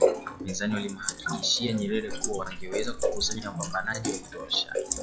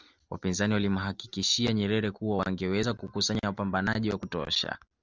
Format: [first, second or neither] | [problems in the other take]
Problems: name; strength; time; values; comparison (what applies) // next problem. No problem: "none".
second | noise reduction (classical method log-MMSE)